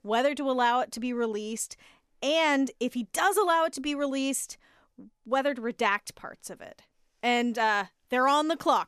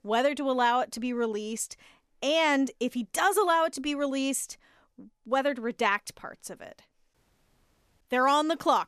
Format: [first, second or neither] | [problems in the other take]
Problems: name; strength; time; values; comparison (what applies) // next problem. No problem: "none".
first | audio cutting out; at 7 s for 1 s